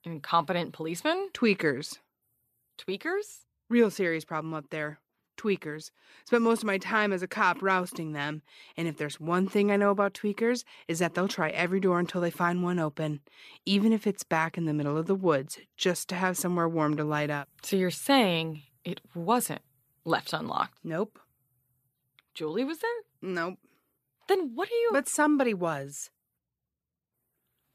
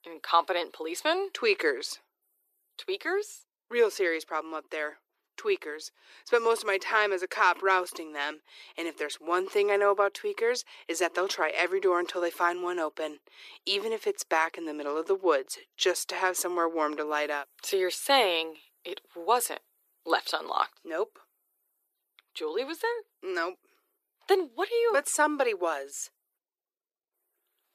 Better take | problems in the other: first | thin; very; fading below 350 Hz

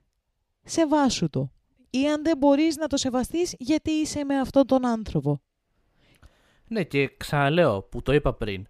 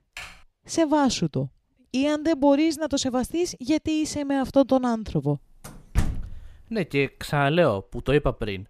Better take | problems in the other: first | keyboard typing; faint; at the start; peak 15 dB below the speech // door banging; noticeable; at 6 s; peak 5 dB below the speech

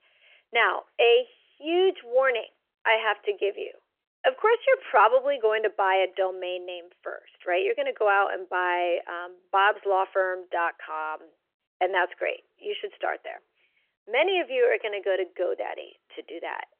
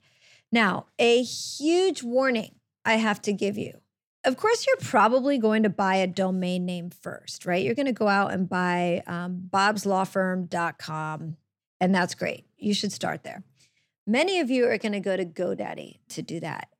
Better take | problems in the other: second | phone-call audio; nothing above 3 kHz

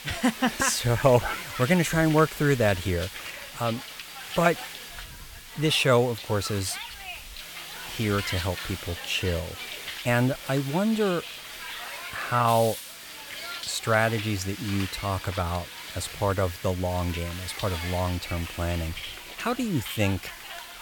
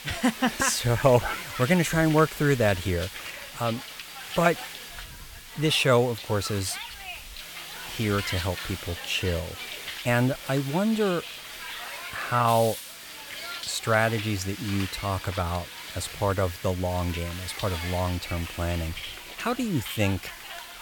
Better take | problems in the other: neither | hiss; loud; throughout; 10 dB below the speech; the same in both

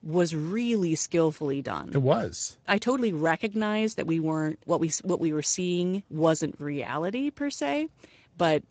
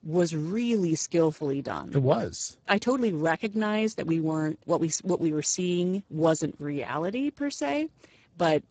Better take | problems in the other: first | garbled, watery; badly; nothing above 7.5 kHz; slightly in the first

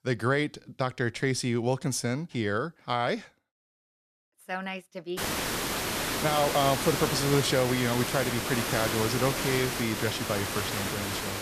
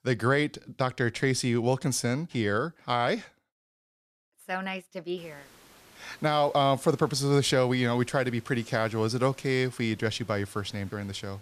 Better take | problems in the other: second | hiss; loud; from 5 s on; 1 dB below the speech; faint in the second

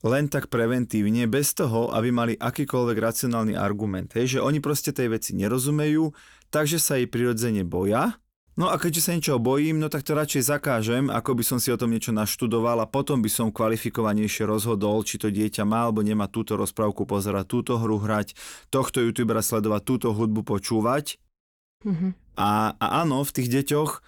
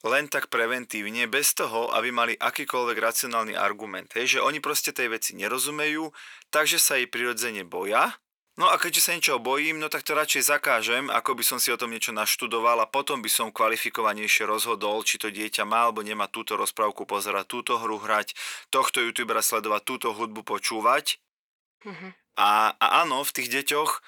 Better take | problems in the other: first | thin; very; fading below 600 Hz

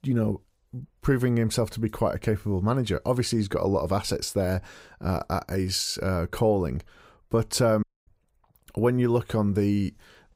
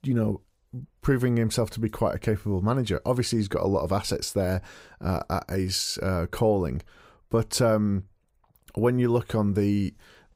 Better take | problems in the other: second | audio cutting out; at 8 s

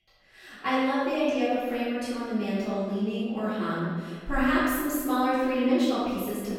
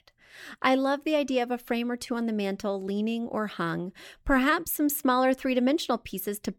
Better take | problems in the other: second | room echo; strong; dies away in 1.4 s // off-mic speech; far

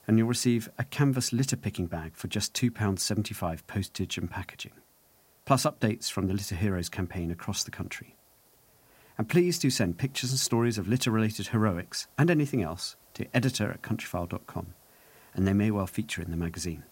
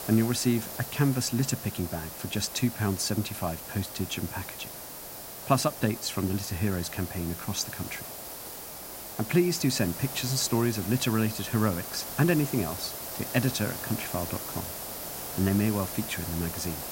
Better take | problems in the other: first | hiss; loud; throughout; 7 dB below the speech; faint in the first

